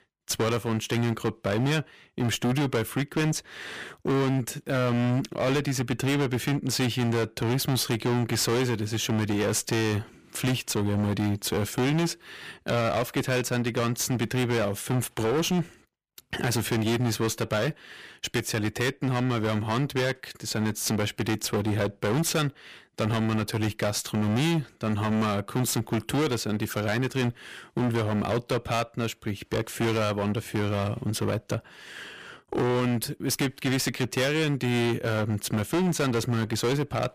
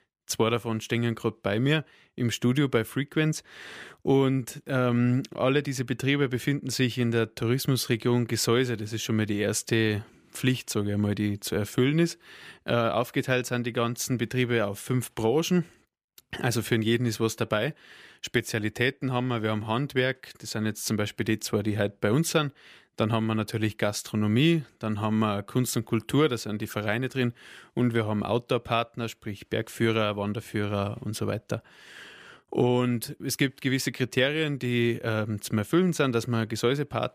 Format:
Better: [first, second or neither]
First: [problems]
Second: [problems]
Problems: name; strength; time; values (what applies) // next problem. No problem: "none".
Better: second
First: distortion; heavy; 24% of the sound clipped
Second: none